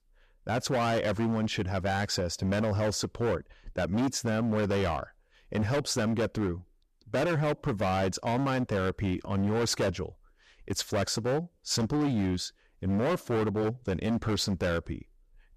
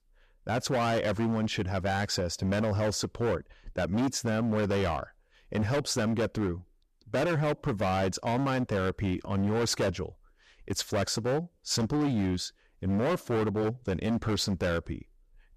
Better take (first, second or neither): neither